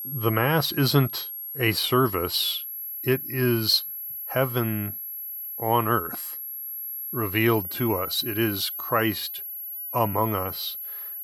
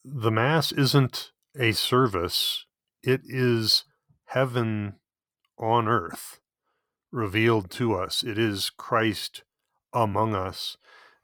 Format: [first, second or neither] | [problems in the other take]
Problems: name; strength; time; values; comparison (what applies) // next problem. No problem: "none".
second | high-pitched whine; loud; throughout; 11.5 kHz, 7 dB below the speech